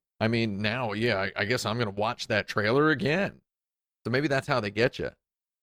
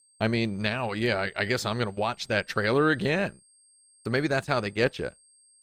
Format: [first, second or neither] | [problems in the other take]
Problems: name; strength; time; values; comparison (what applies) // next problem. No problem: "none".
first | high-pitched whine; faint; throughout; 8.5 kHz, 30 dB below the speech